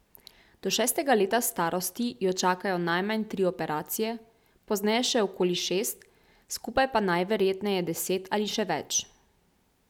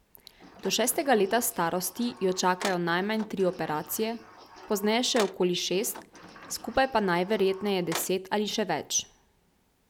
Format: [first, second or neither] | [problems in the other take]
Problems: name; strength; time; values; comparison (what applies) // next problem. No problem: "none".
first | background sound (Sliding door); 15 dB below the speech